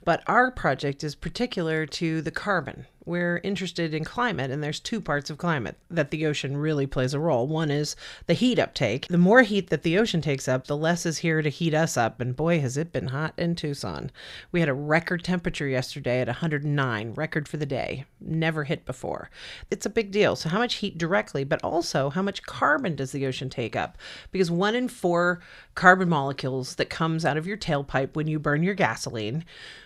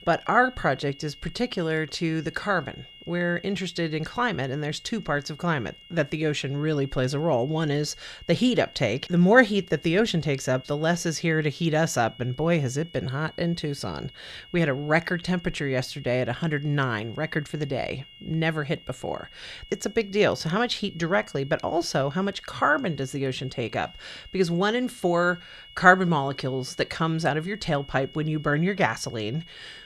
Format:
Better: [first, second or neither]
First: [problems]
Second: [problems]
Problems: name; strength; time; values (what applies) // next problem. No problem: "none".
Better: first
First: none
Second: high-pitched whine; faint; throughout; 3 kHz, 20 dB below the speech